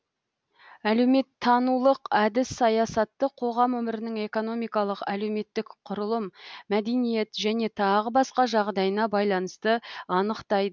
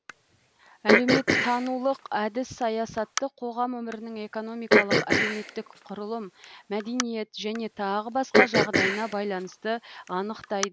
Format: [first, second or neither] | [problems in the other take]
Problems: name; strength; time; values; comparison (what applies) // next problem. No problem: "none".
first | background sound (Cough); 3 dB above the speech